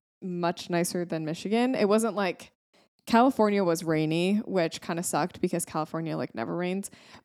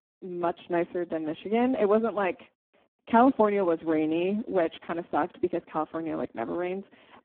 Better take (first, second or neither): first